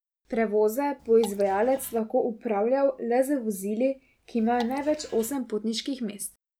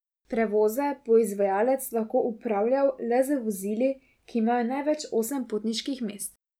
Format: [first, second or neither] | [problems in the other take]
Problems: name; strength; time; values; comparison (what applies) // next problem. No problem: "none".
second | background sound (Drip / Water); 19 dB below the speech